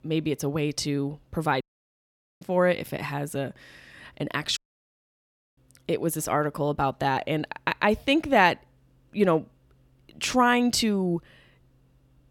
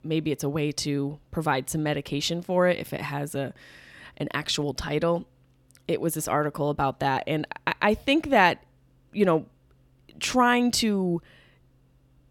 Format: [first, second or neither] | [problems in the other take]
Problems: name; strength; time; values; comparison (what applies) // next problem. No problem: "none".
second | audio cutting out; at 1.5 s for 1 s and at 4.5 s for 1 s